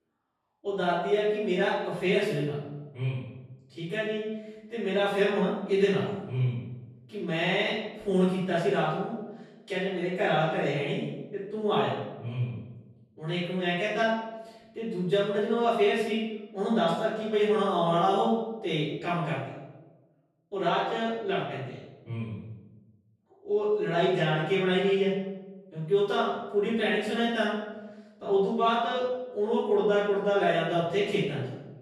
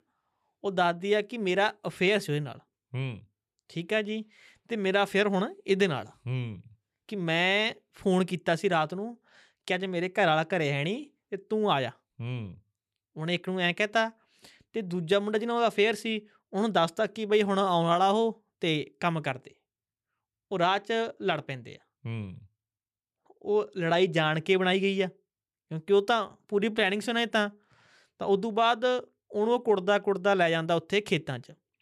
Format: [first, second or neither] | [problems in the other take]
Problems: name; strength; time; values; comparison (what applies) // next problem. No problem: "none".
second | off-mic speech; far // room echo; strong; dies away in 0.9 s